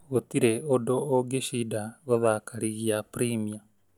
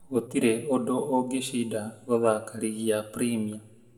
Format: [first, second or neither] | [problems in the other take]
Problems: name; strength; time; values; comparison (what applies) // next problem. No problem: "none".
first | room echo; dies away in 1 s